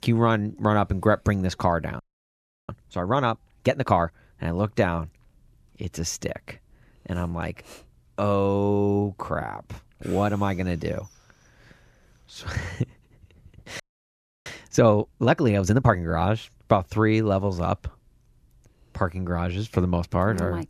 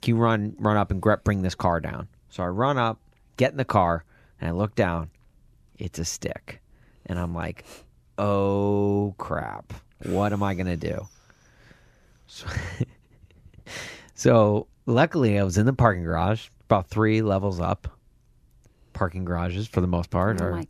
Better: second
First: audio freezing; at 2 s for 0.5 s and at 14 s for 0.5 s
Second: none

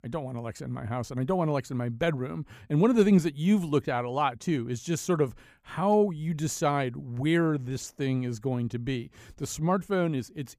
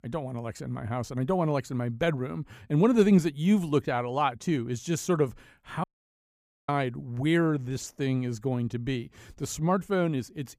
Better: first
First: none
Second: audio cutting out; at 6 s for 1 s

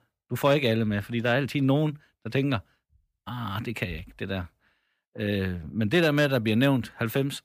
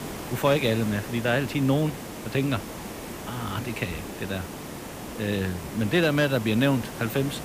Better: first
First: none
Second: hiss; noticeable; throughout; 10 dB below the speech

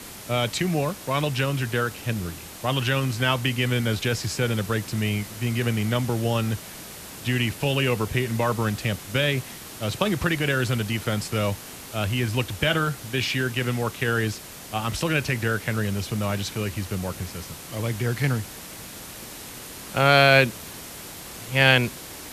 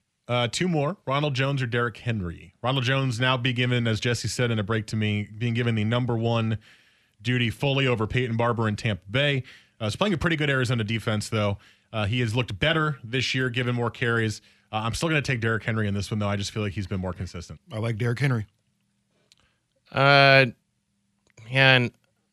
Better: second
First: hiss; noticeable; throughout; 15 dB below the speech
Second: none

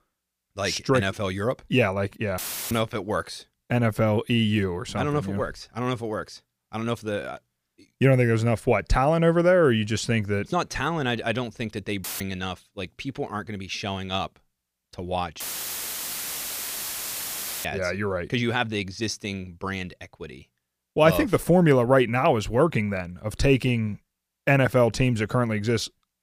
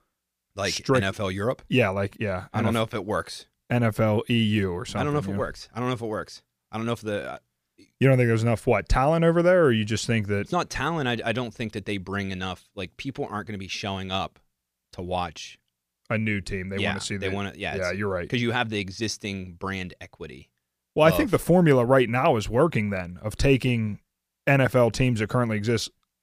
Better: second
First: audio cutting out; filled with static; at 2.5 s, at 12 s and at 15 s for 2 s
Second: none

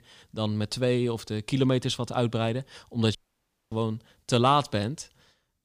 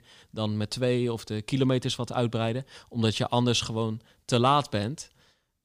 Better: second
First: audio cutting out; at 3 s for 0.5 s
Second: none

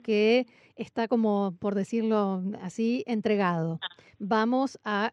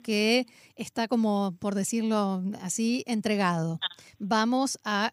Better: second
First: muffled; slightly; fading above 3 kHz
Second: none

